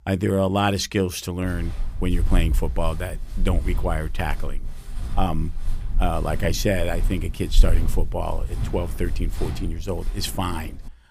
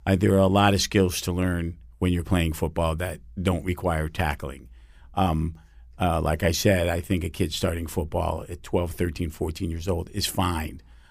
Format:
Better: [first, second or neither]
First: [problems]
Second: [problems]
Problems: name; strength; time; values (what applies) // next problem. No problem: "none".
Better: second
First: footsteps; loud; from 2 to 10 s; peak 5 dB above the speech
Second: none